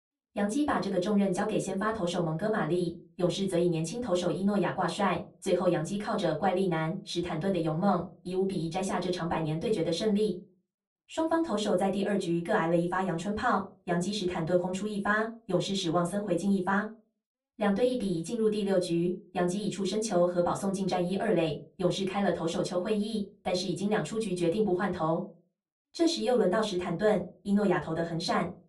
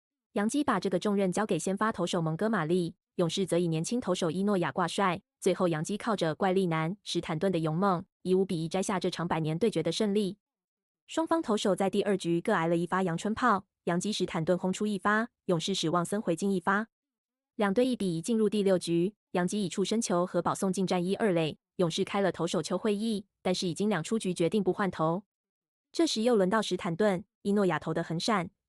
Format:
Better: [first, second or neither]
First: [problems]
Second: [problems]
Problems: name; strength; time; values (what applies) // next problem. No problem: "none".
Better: second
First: off-mic speech; far // room echo; very slight; dies away in 0.2 s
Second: none